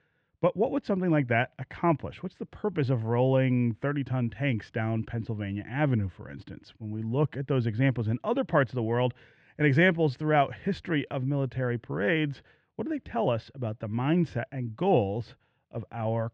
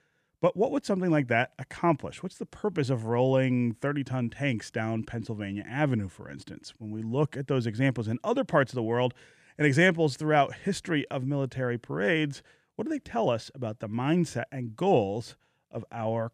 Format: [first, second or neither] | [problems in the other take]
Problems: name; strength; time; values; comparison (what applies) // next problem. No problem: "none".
second | muffled; slightly; fading above 3.5 kHz